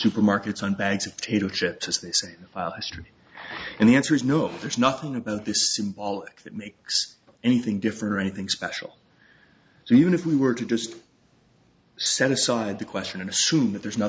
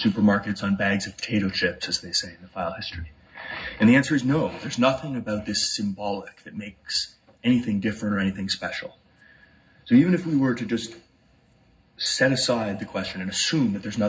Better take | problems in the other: first | room echo; dies away in 0.4 s

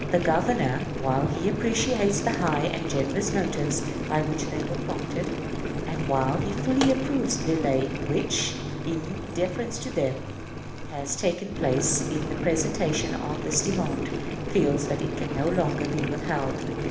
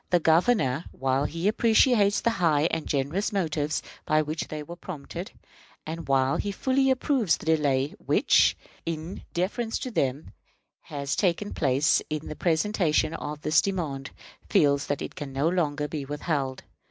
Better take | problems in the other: second | background sound (Boiling); 2 dB below the speech // room echo; dies away in 1 s

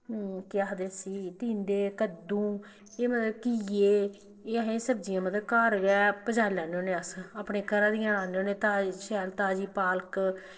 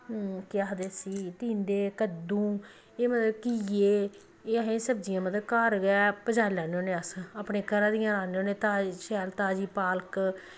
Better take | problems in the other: second | noise reduction (neural separator model SepFormer DNS4)

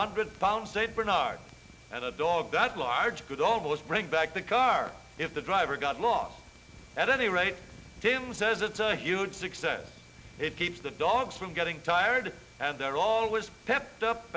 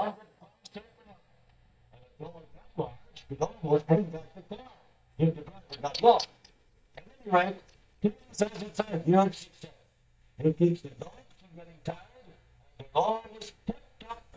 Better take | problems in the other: first | noise reduction (neural mask model DeepFilterNet 3)

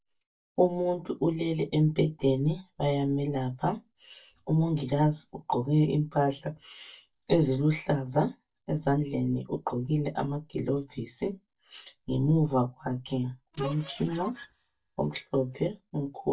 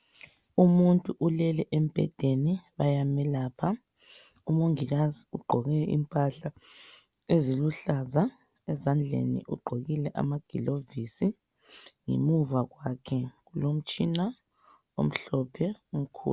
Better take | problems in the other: second | noise reduction (neural mask model DeepFilterNet 3)

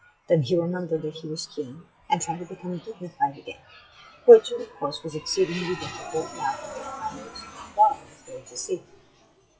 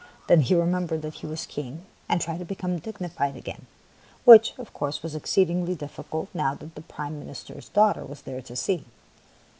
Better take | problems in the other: second | noise reduction (classical method WPE with log-MMSE)

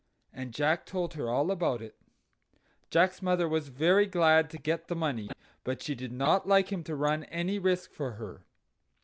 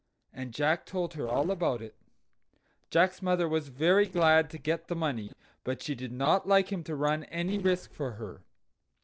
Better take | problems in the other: first | noise reduction (neural separator model SepFormer DNS4)

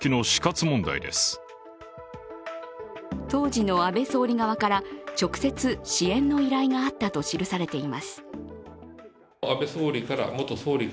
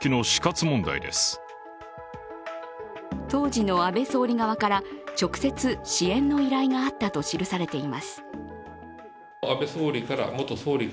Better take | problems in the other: first | background sound (Wind instrument, woodwind instrument); 20 dB below the speech

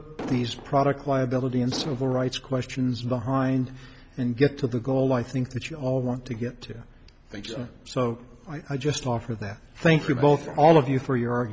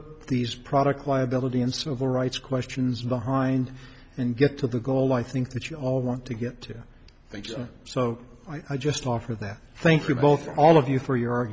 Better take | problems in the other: second | background sound (Explosion); 11 dB below the speech

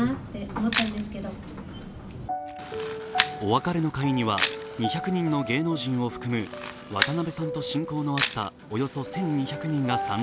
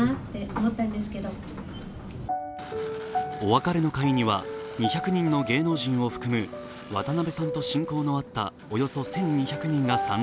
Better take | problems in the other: second | background sound (Camera); 8 dB below the speech

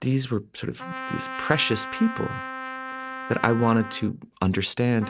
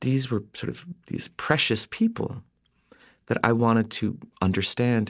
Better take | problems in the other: second | background sound (Trumpet); 10 dB below the speech

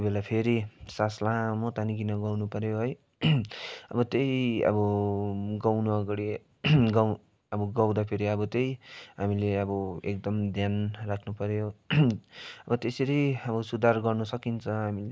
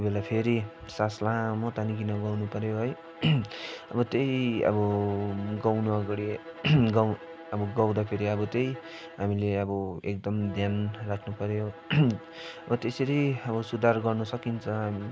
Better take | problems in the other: first | background sound (Bowed string instrument); 17 dB below the speech

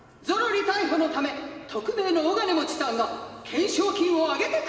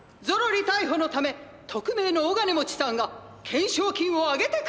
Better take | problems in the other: second | room echo; dies away in 2.1 s

